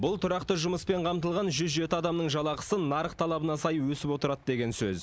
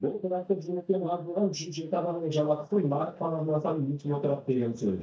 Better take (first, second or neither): first